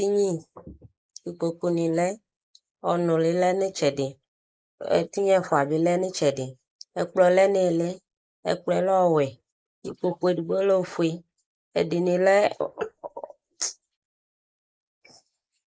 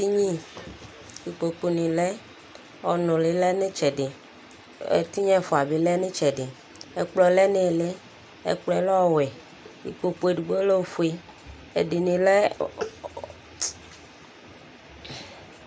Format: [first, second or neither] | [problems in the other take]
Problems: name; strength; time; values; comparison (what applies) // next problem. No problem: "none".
second | noise reduction (neural mask model Resemble Enhance denoiser)